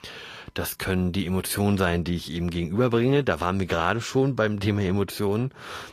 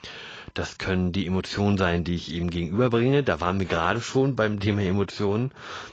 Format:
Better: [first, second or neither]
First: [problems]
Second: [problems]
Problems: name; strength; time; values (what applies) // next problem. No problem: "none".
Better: first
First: garbled, watery; slightly; nothing above 14.5 kHz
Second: garbled, watery; badly; nothing above 7.5 kHz